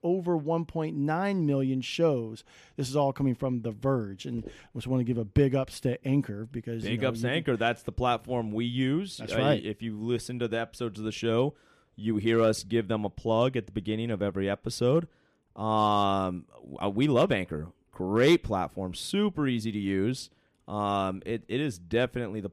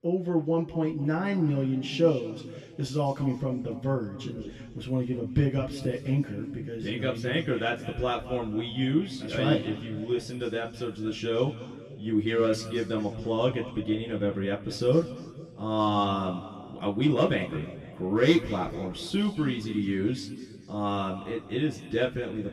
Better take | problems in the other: first | room echo; slight; dies away in 1.9 s // off-mic speech; far

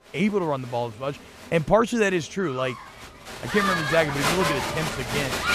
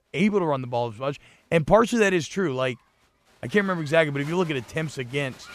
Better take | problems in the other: second | crowd noise; loud; throughout; 2 dB below the speech; faint in the second

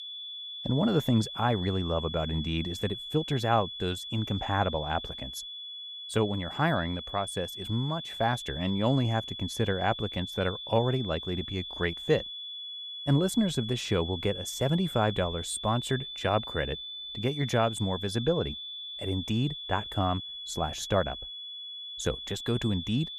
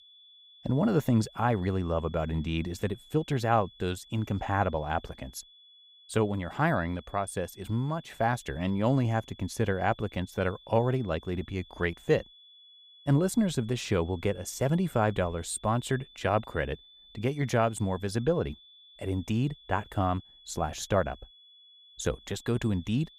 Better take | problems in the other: second | high-pitched whine; loud; throughout; 3.5 kHz, 7 dB below the speech; faint in the second

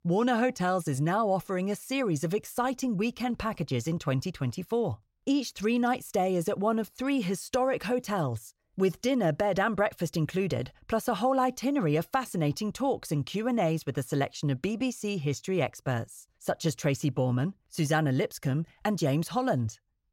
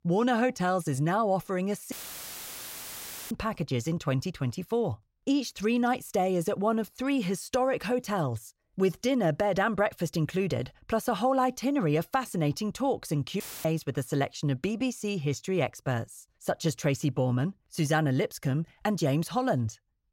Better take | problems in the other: first | audio cutting out; filled with static; at 2 s for 1.5 s and at 13 s

